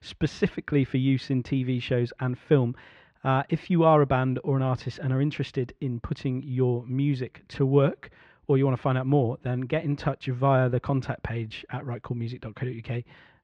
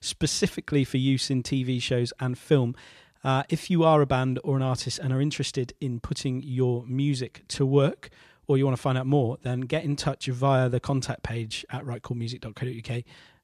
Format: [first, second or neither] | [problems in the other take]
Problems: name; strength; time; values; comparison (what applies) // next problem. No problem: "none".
second | muffled; very; fading above 2 kHz